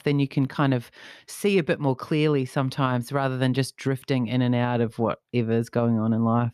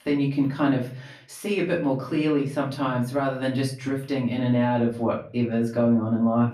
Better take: first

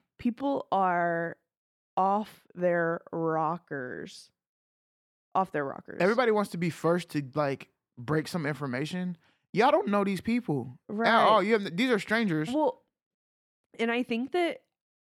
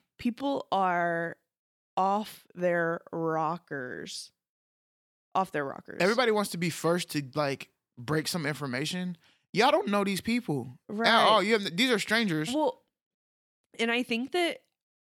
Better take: second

